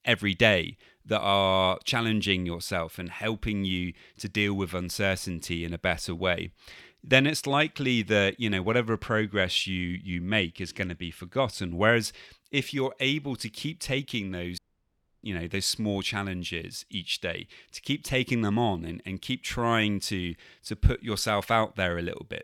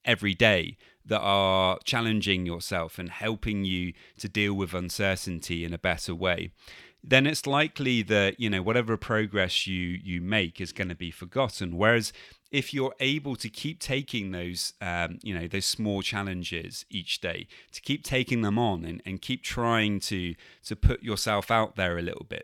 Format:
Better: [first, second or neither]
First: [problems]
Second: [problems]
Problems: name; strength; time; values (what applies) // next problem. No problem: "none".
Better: second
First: audio cutting out; at 15 s for 0.5 s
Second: none